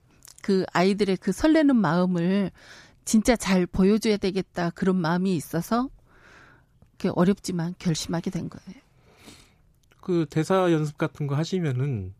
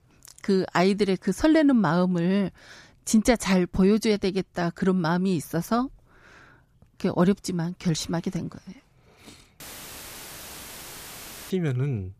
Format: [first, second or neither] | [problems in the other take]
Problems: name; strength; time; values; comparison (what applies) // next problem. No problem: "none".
first | audio cutting out; filled with static; at 9.5 s for 2 s